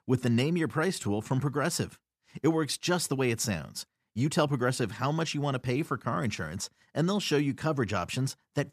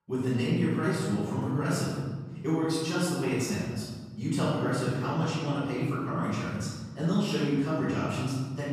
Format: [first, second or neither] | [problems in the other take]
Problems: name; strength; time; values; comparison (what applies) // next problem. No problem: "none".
first | room echo; strong; dies away in 1.5 s // off-mic speech; far